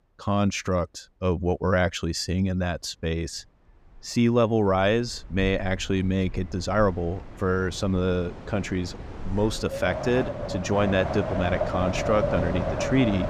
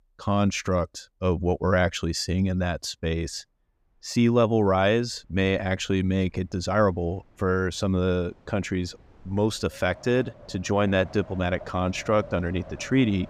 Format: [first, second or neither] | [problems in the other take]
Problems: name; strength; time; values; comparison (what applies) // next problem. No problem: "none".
second | wind in the background; loud; throughout; 7 dB below the speech; faint in the second